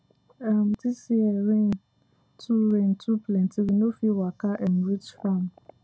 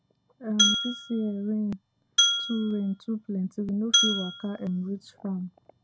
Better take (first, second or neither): first